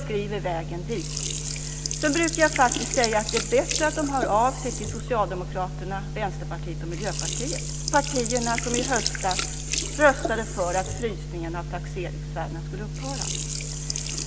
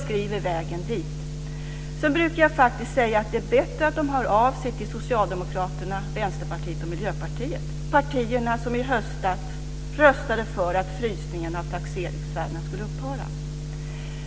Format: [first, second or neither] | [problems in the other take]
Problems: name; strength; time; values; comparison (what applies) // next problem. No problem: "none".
second | background sound (Sink (filling or washing)); 7 dB below the speech